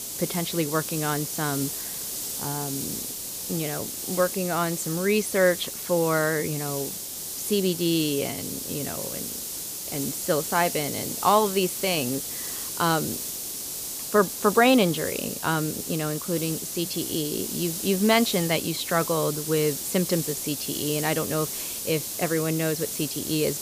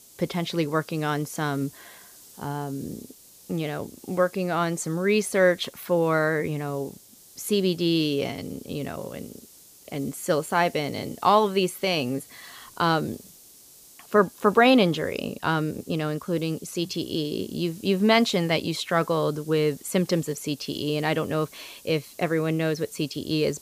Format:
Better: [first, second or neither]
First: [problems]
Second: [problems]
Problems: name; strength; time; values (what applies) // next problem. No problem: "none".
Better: second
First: hiss; loud; throughout; 4 dB below the speech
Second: hiss; faint; throughout; 20 dB below the speech